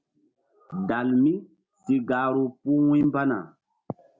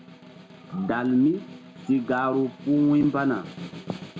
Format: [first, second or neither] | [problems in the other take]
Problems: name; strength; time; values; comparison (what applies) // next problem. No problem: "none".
first | background sound (Snare drum); 17 dB below the speech